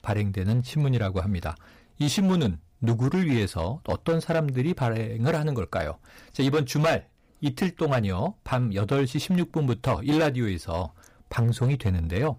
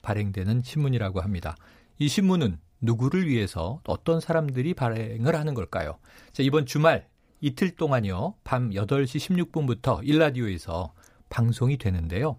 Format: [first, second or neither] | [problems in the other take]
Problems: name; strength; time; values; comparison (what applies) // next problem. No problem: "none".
second | distortion; slight; 8% of the sound clipped